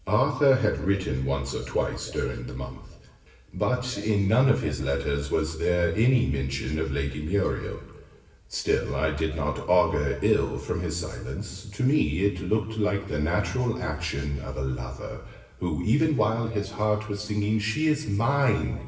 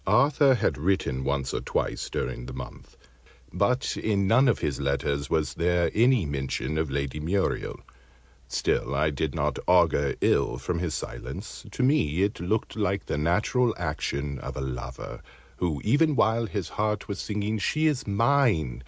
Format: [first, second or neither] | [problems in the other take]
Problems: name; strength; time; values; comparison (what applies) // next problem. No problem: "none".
second | room echo; dies away in 1 s